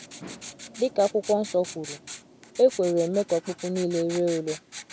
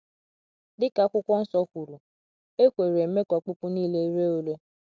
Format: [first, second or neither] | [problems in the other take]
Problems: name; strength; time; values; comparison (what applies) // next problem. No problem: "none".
second | background sound (Writing); 15 dB below the speech